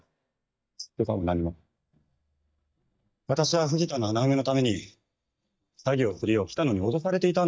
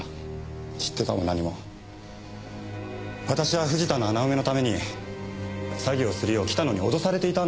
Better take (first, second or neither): second